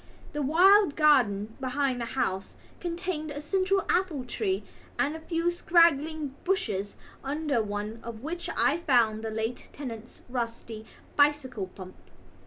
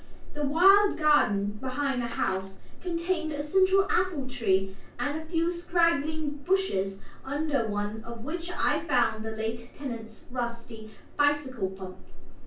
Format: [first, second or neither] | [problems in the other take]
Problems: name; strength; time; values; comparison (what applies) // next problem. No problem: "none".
first | background sound (Skateboard); 18 dB below the speech // room echo; dies away in 0.3 s